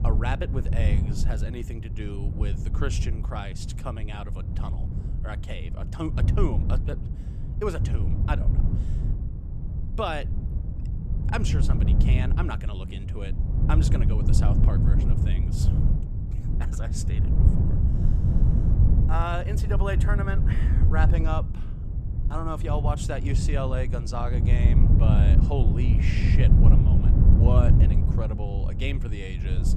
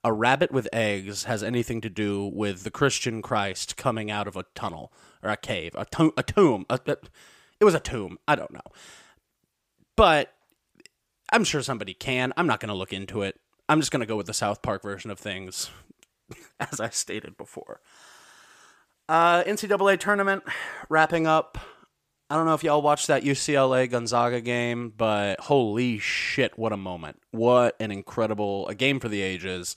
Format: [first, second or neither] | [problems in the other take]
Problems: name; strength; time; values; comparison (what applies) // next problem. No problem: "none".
second | wind noise on the microphone; heavy; 4 dB below the speech